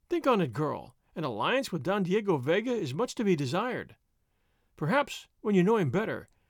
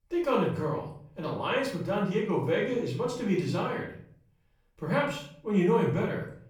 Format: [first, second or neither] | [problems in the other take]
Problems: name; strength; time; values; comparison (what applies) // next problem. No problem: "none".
first | room echo; noticeable; dies away in 0.5 s // off-mic speech; far